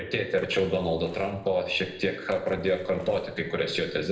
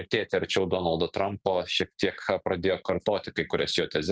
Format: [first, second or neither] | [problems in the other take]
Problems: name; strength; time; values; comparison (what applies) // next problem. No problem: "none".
second | noise reduction (neural separator model SepFormer DNS4)